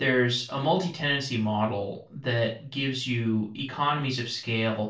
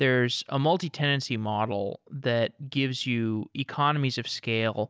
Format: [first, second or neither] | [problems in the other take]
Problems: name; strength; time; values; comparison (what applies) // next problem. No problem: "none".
second | room echo; dies away in 0.3 s